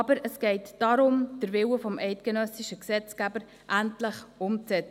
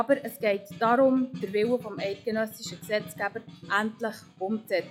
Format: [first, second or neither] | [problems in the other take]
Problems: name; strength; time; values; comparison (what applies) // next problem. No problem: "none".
first | noise reduction (classical method log-MMSE)